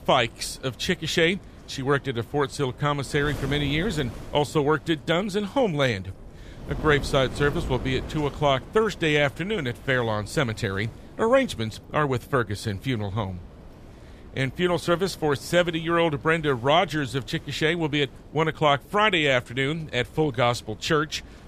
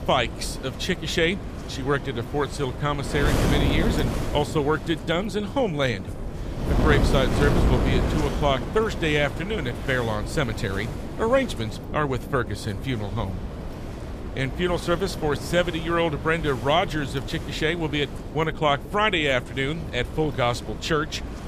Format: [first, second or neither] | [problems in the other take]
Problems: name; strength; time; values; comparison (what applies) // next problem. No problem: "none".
first | wind noise on the microphone; heavy; 9 dB below the speech; occasional gusts in the first